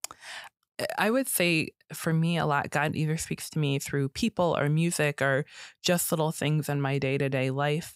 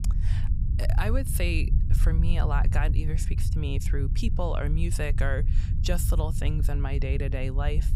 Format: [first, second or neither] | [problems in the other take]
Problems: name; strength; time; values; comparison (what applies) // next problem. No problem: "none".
first | low rumble; loud; throughout; 10 dB below the speech